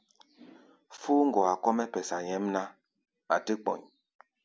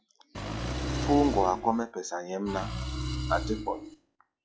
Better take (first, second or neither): first